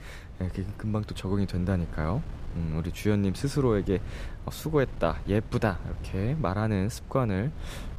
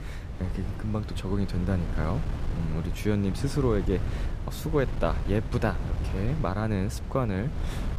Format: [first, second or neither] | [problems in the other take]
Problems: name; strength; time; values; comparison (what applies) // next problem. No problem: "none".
first | wind noise on the microphone; heavy; 10 dB below the speech; occasional gusts in the first